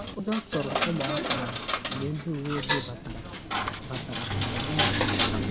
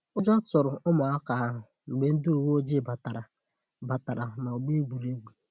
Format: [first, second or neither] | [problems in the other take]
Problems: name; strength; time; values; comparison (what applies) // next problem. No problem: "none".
second | background sound (Coin (dropping)); 4 dB above the speech